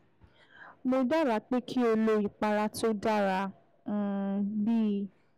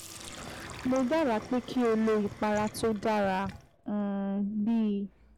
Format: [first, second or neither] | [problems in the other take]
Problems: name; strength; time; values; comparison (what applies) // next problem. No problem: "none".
first | background sound (Sink (filling or washing)); 16 dB below the speech